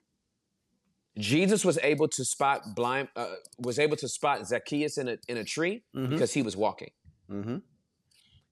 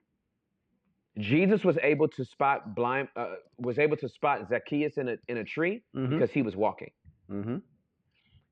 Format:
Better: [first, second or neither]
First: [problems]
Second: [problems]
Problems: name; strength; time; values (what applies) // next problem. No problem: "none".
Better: first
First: none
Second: muffled; very; fading above 2.5 kHz